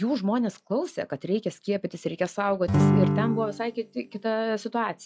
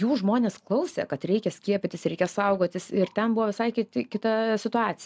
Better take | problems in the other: second | noise reduction (classical method log-MMSE)

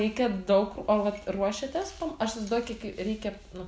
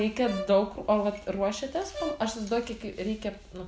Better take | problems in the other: first | background sound (Brass instrument); 13 dB below the speech

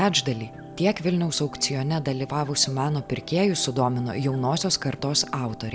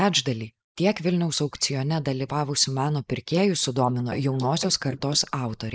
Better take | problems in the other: first | noise reduction (neural mask model Resemble Enhance denoiser)

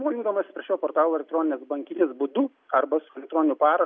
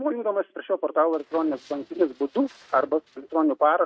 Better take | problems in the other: first | noise reduction (neural mask model RNNoise)

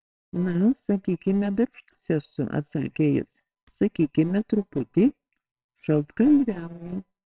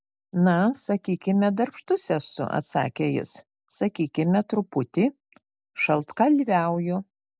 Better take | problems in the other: second | noise reduction (neural separator model SepFormer WHAMR!)

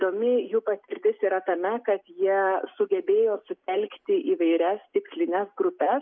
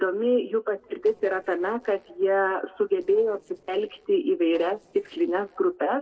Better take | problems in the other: first | noise reduction (neural separator model SepFormer DNS4)

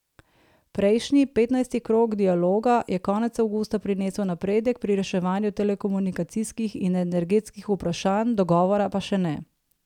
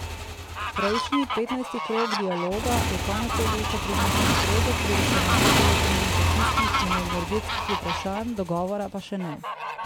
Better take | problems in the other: first | background sound (Motorcycle / Engine + Fowl); 5 dB above the speech

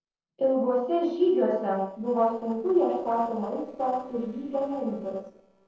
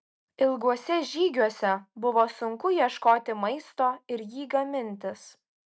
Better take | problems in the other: second | noise reduction (neural separator model SepFormer DNS4)

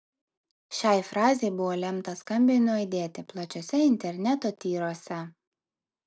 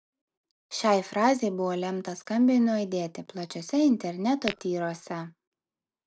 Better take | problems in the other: first | background sound (Tap / Glass); 12 dB below the speech

